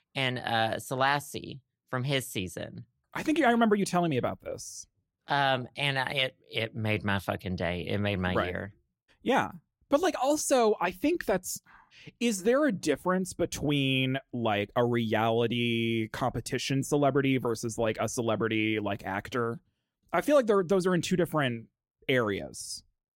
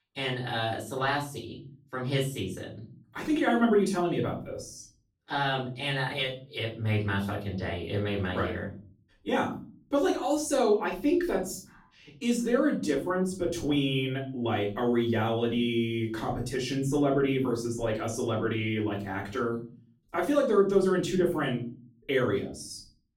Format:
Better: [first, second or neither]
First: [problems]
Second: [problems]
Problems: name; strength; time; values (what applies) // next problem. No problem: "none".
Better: first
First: none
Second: off-mic speech; far // room echo; slight; dies away in 0.4 s